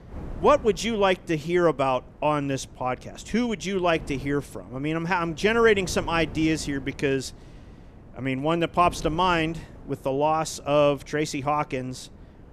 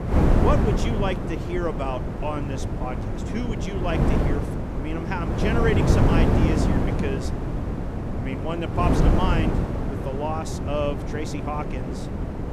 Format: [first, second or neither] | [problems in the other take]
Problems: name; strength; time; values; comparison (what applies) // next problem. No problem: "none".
first | wind noise on the microphone; heavy; as loud as the speech; occasional gusts in the first